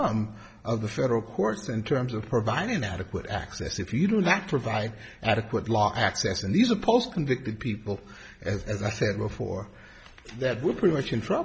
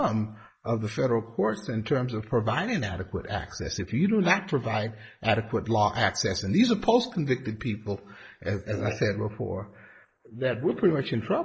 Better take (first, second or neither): first